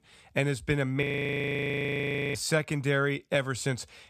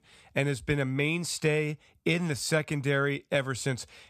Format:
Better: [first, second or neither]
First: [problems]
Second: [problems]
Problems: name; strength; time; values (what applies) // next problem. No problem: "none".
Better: second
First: audio freezing; at 1 s for 1.5 s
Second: none